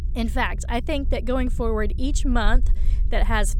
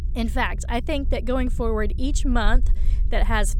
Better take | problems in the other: neither | low rumble; faint; throughout; 20 dB below the speech; the same in both

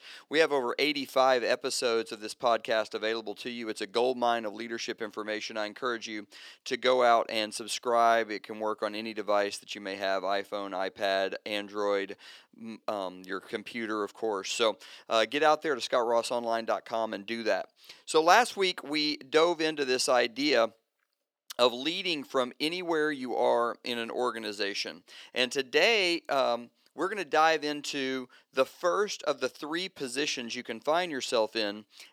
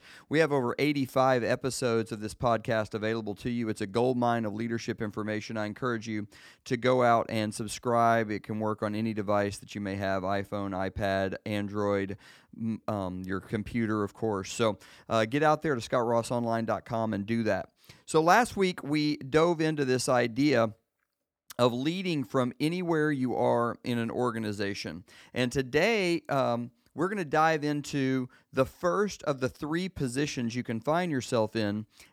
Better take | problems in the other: second | thin; somewhat; fading below 450 Hz

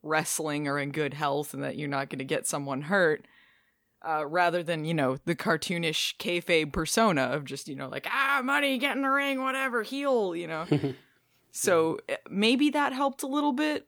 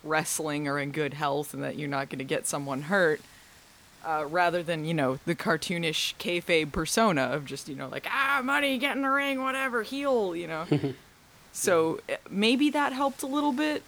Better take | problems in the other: first | hiss; faint; throughout; 25 dB below the speech

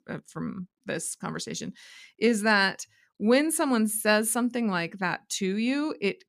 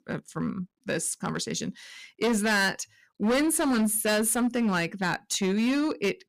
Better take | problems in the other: first | distortion; heavy; 12% of the sound clipped

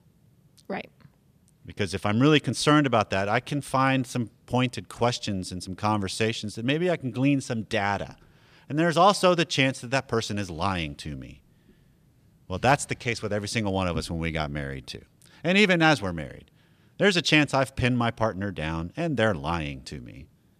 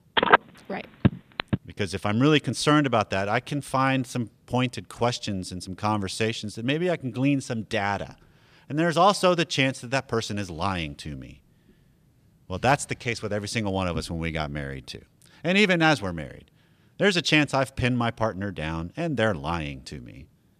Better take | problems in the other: first | phone ringing; loud; until 1.5 s; peak 6 dB above the speech

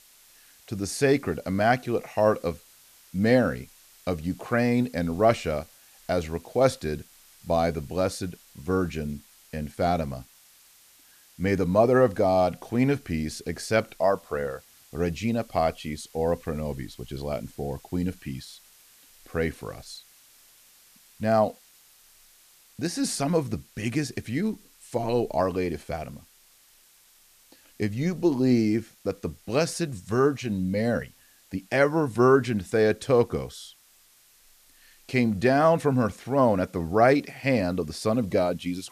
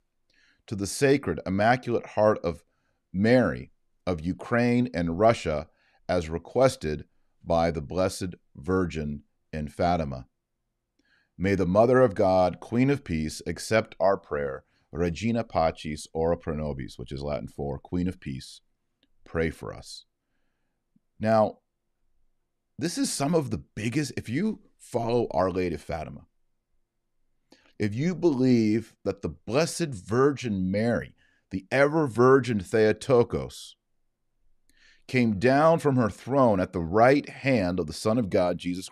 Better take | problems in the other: second | hiss; faint; throughout; 30 dB below the speech

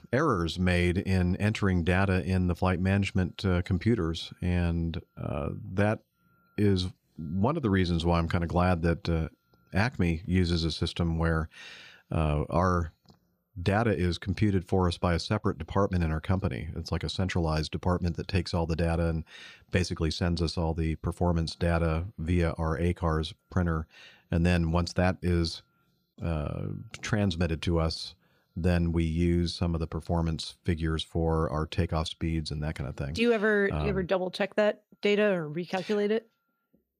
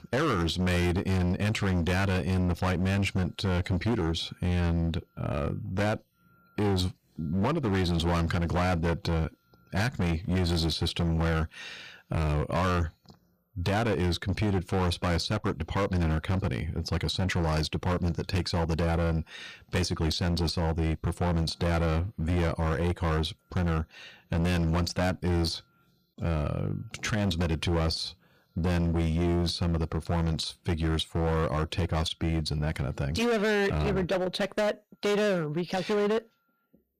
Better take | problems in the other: first | distortion; heavy; 22% of the sound clipped

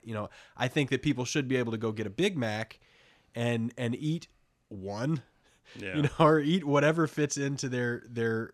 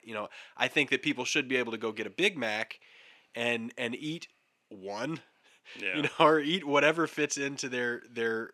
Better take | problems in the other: first | thin; somewhat; fading below 300 Hz

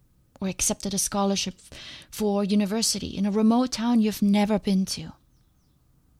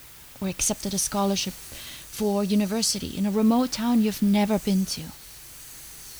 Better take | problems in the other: first | hiss; noticeable; throughout; 15 dB below the speech

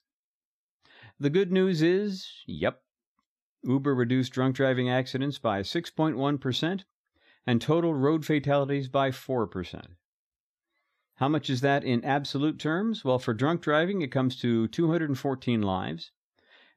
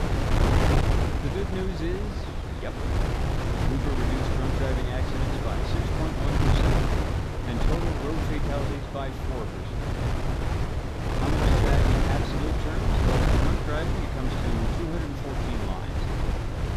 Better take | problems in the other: first | wind noise on the microphone; heavy; 5 dB above the speech

